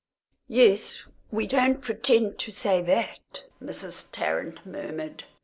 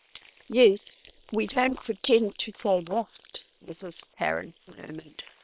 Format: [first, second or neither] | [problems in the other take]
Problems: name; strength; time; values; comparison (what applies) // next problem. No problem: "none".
first | noise reduction (neural separator model SepFormer WHAM!)